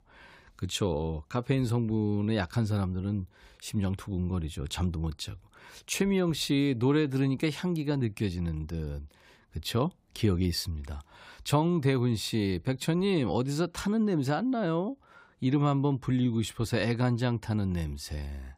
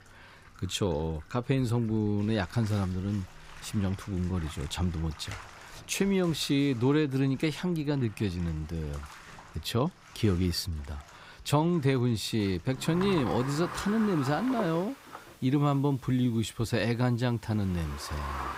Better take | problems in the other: first | household noises; noticeable; throughout; 15 dB below the speech

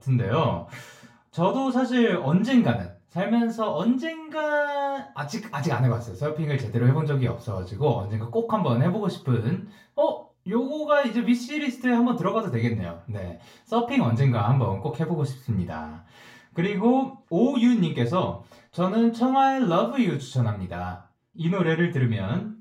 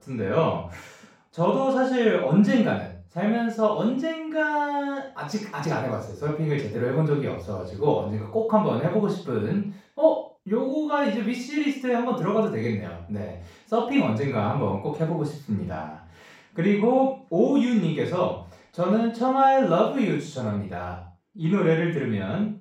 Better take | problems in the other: first | room echo; strong; dies away in 0.4 s; slight in the first // off-mic speech; far; far in the first

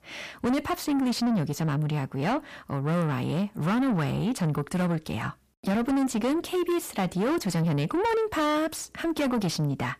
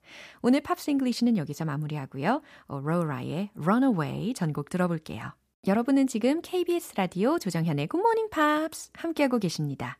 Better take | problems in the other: second | distortion; heavy; 7 dB below the speech

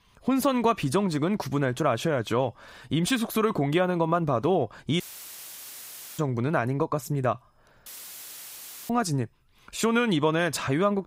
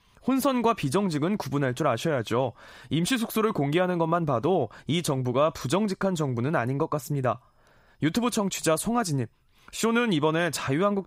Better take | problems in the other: second | audio cutting out; filled with static; at 5 s for 1 s and at 8 s for 1 s

